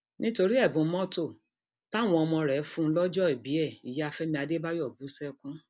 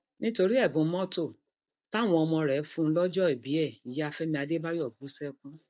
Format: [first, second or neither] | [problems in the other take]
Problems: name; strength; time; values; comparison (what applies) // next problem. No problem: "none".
first | noise reduction (neural mask model DeepFilterNet 3)